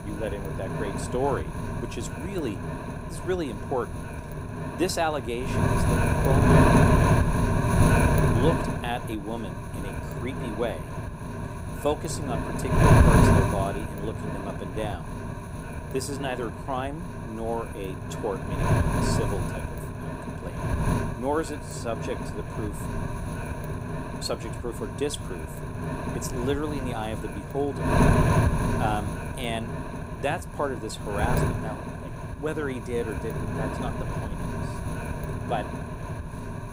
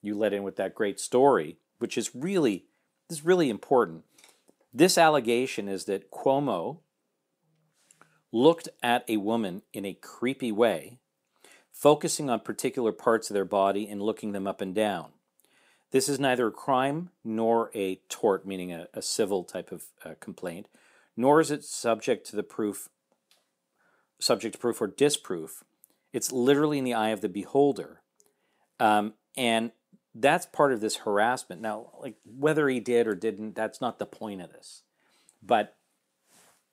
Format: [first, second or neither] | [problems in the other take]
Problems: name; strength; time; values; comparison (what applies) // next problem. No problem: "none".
second | wind noise on the microphone; heavy; 1 dB above the speech